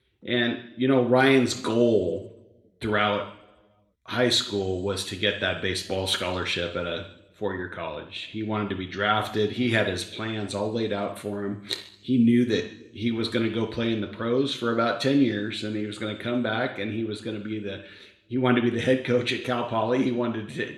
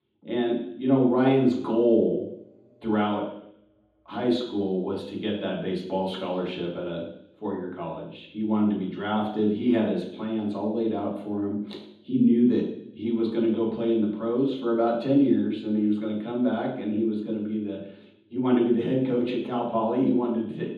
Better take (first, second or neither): first